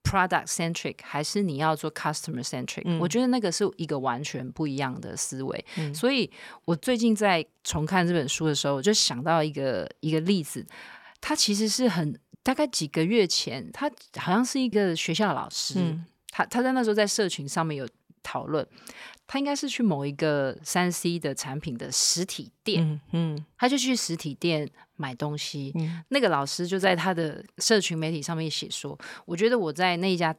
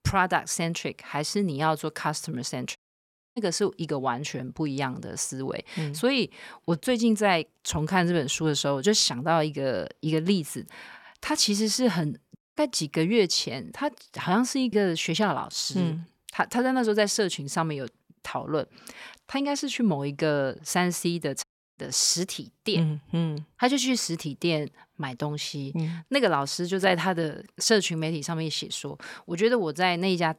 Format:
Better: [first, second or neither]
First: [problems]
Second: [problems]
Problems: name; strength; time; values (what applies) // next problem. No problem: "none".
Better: first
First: none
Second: audio cutting out; at 3 s for 0.5 s, at 12 s and at 21 s